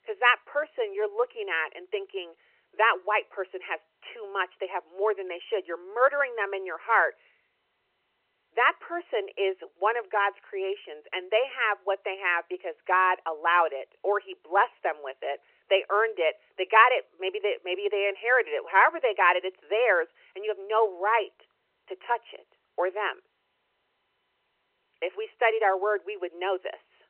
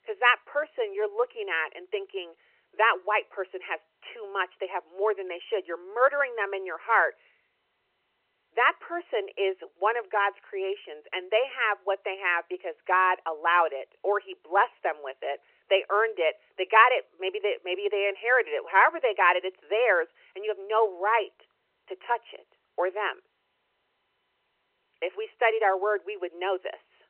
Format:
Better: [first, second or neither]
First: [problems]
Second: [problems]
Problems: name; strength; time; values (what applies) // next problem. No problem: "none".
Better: neither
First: phone-call audio; nothing above 3 kHz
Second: phone-call audio; nothing above 3 kHz